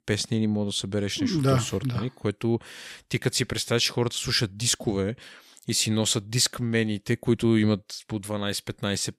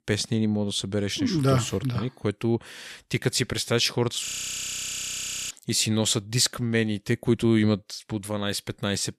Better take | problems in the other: first | audio freezing; at 4.5 s for 1.5 s

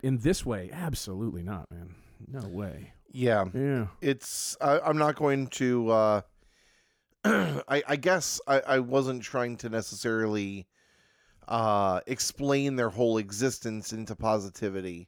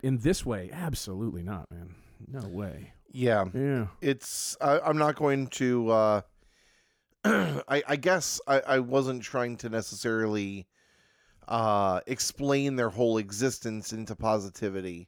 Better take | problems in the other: neither | none

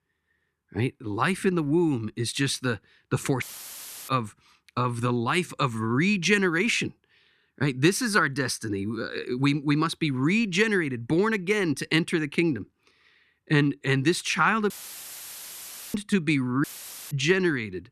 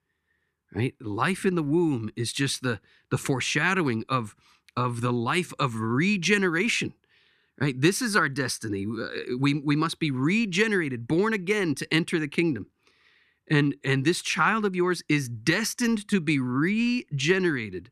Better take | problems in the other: second | audio cutting out; filled with static; at 3.5 s for 0.5 s, at 15 s for 1 s and at 17 s

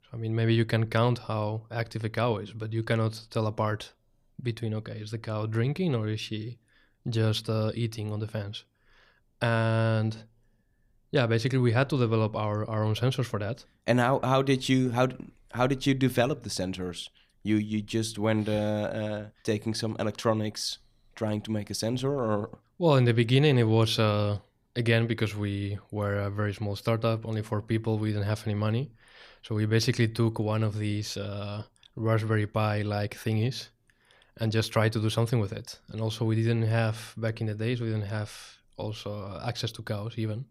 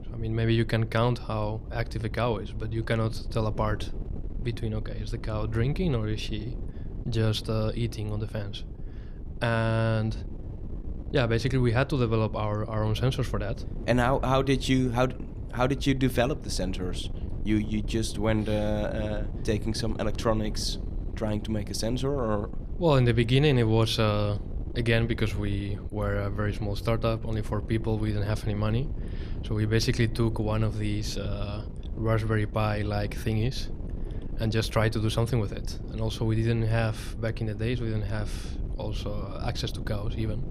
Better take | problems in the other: first | wind noise on the microphone; occasional gusts; 15 dB below the speech

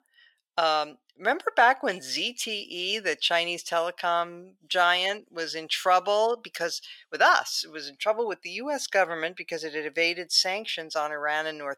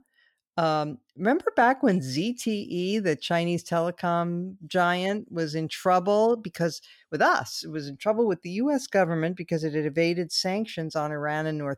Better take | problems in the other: second | thin; very; fading below 650 Hz

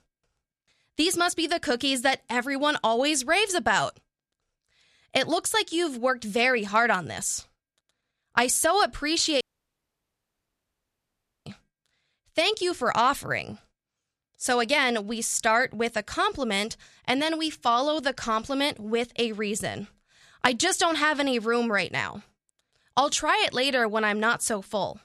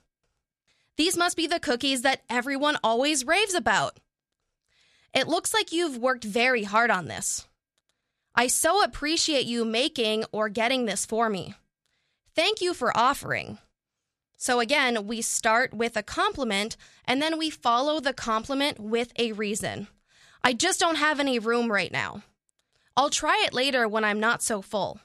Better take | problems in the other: second | audio cutting out; at 9.5 s for 2 s

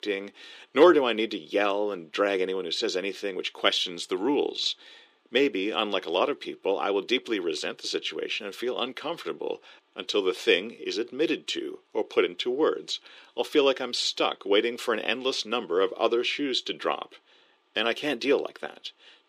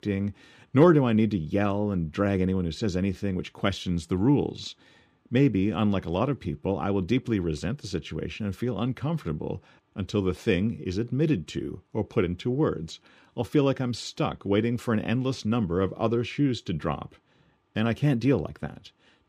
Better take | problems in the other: second | thin; somewhat; fading below 400 Hz

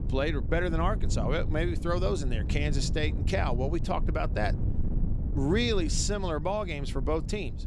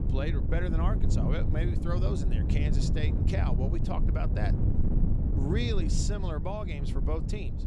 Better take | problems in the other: first | wind noise on the microphone; heavy; 3 dB below the speech; occasional gusts in the first

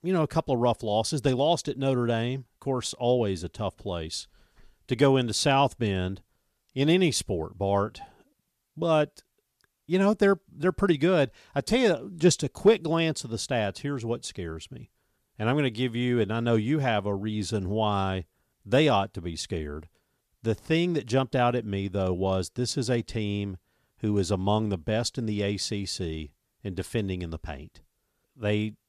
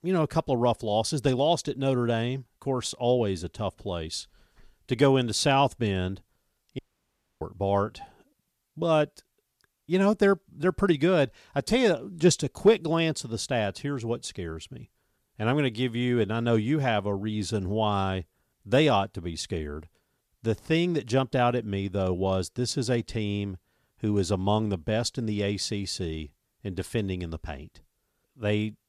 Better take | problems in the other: first | audio cutting out; at 7 s for 0.5 s

